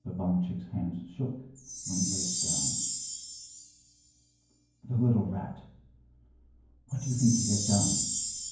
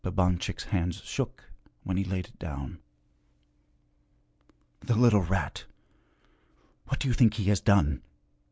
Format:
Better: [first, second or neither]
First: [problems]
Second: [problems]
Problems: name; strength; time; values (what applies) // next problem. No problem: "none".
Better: second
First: background sound (Chime); 3 dB below the speech // room echo; dies away in 0.9 s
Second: none